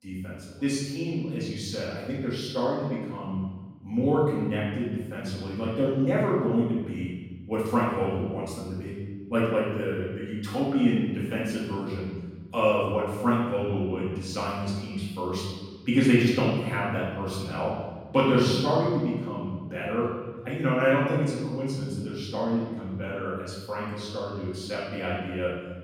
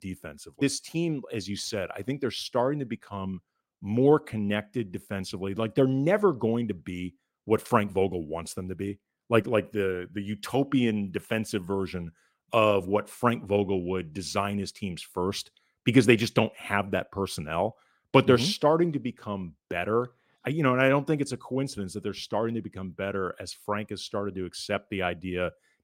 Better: second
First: off-mic speech; far // room echo; noticeable; dies away in 1.5 s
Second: none

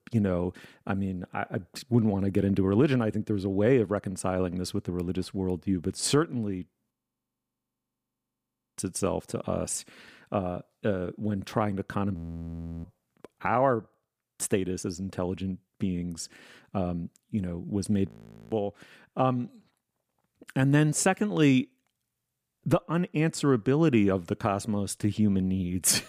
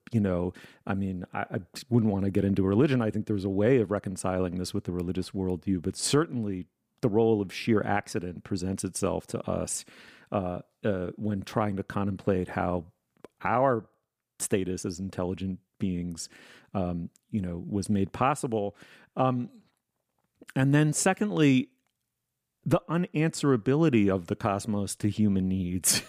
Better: second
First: audio freezing; at 7 s for 2 s, at 12 s for 0.5 s and at 18 s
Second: none

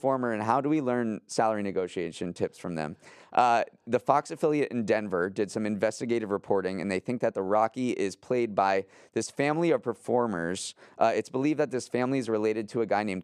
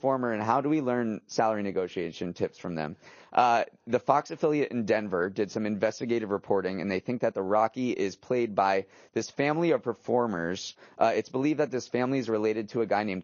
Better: first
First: none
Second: garbled, watery; slightly; nothing above 6.5 kHz

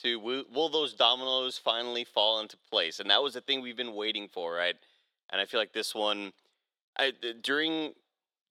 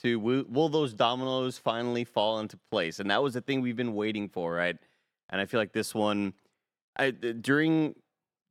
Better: second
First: thin; somewhat; fading below 500 Hz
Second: none

